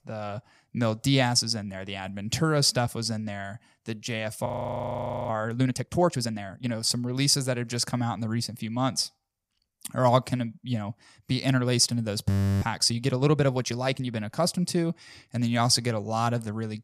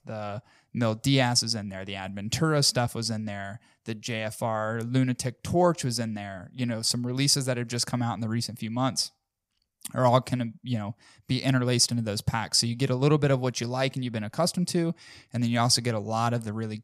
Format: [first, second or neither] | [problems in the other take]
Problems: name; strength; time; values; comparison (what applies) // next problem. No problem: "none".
second | audio freezing; at 4.5 s for 1 s and at 12 s